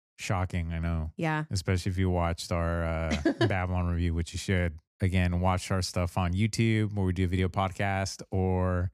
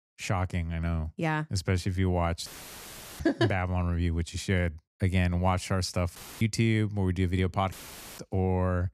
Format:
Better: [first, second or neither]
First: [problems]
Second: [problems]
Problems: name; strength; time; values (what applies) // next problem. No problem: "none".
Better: first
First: none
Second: audio cutting out; filled with static; at 2.5 s for 0.5 s, at 6 s and at 7.5 s